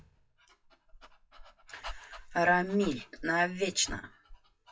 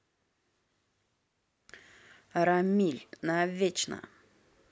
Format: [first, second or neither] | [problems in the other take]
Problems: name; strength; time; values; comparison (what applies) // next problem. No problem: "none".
second | noise reduction (classical method WPE with log-MMSE)